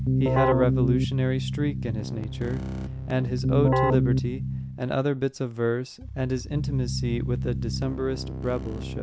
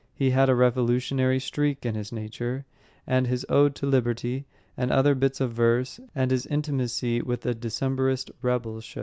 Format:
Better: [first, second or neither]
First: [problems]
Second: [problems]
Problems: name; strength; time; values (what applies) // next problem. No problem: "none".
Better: second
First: background sound (Keyboard (musical)); 1 dB above the speech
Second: none